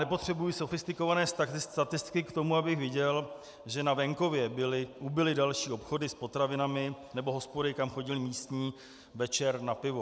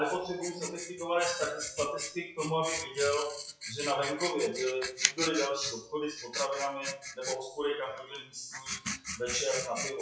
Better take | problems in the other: first | noise reduction (classical method WPE with log-MMSE)

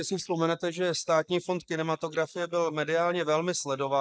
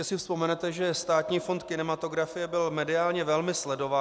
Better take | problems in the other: second | noise reduction (neural mask model Resemble Enhance denoiser)

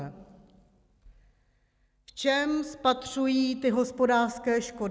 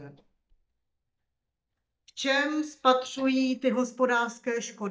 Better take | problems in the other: first | noise reduction (neural mask model DeepFilterNet 3)

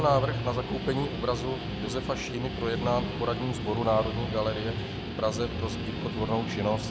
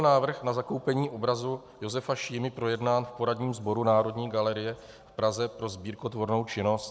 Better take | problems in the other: second | background sound (Guitar); 3 dB below the speech

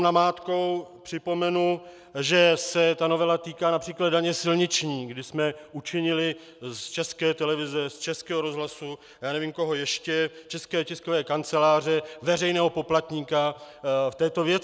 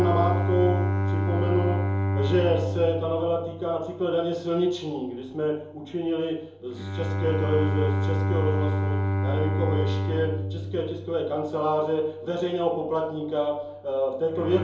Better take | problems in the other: first | background sound (Bowed string instrument); 1 dB below the speech // room echo; dies away in 2.6 s

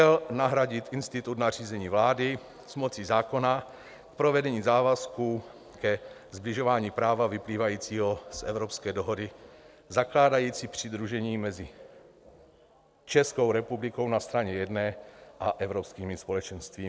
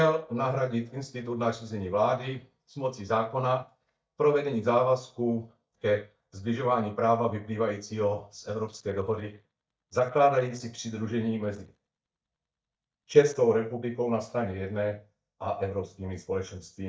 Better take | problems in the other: first | noise reduction (neural mask model DeepFilterNet 3)

